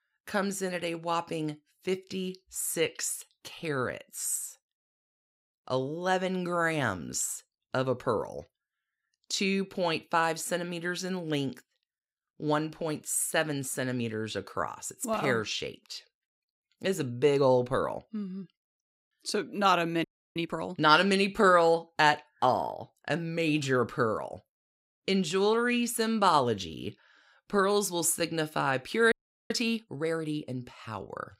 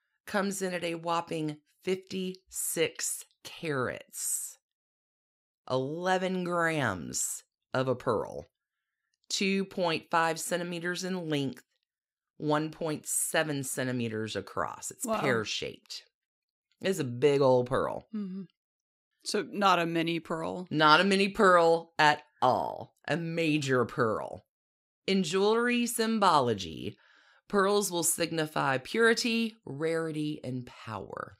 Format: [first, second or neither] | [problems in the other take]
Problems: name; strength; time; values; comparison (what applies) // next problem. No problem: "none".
second | audio freezing; at 20 s and at 29 s